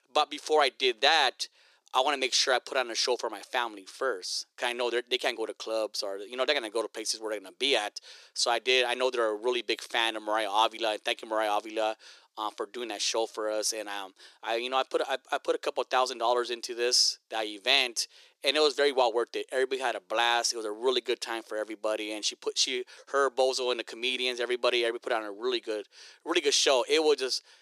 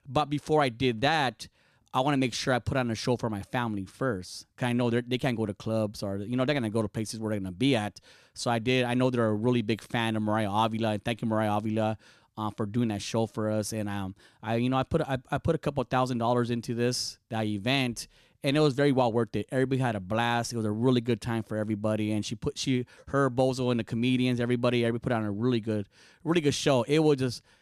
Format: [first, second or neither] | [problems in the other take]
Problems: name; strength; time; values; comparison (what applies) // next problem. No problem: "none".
second | thin; very; fading below 350 Hz